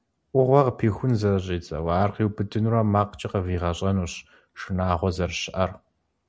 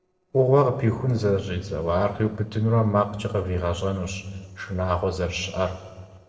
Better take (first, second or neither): first